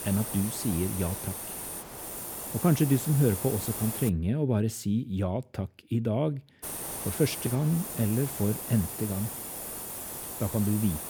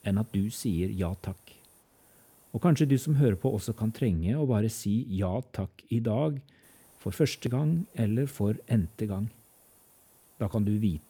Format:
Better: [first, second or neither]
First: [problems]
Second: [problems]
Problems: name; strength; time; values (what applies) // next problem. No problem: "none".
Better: second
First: hiss; loud; until 4 s and from 6.5 s on; 6 dB below the speech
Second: hiss; faint; until 4 s and from 6.5 s on; 30 dB below the speech